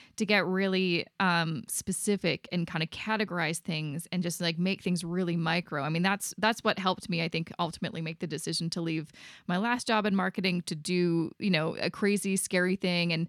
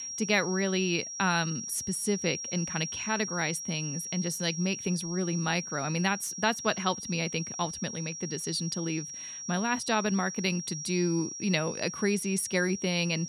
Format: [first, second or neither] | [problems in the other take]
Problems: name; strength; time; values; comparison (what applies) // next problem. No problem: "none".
first | high-pitched whine; loud; throughout; 5.5 kHz, 6 dB below the speech